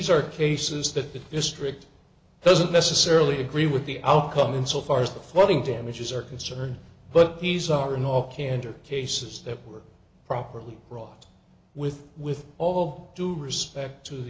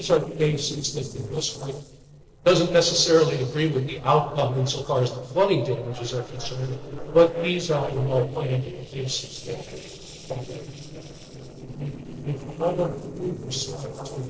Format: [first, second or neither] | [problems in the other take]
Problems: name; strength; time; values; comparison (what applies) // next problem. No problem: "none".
first | noise reduction (neural separator model SepFormer DNS4)